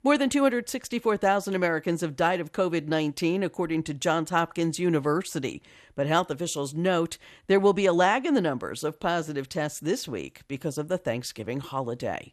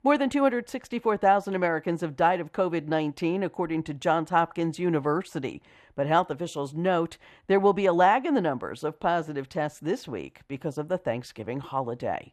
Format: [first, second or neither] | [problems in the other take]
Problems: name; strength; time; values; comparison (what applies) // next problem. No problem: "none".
first | muffled; slightly; fading above 3.5 kHz